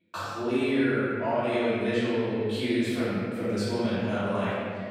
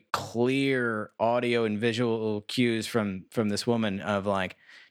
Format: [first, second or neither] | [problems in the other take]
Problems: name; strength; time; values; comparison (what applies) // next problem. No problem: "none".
second | off-mic speech; far // room echo; strong; dies away in 2.3 s